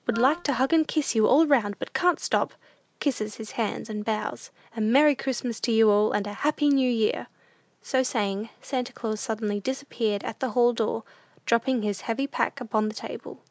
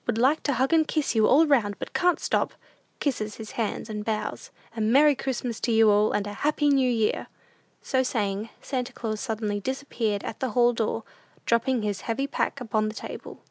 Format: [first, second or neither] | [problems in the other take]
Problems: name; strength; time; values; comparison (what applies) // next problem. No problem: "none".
second | background sound (Wind instrument, woodwind instrument); 15 dB below the speech